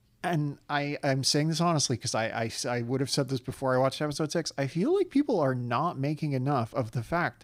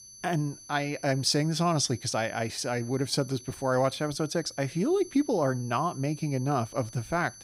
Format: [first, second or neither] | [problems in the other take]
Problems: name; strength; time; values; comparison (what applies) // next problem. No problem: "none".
first | high-pitched whine; noticeable; throughout; 6 kHz, 20 dB below the speech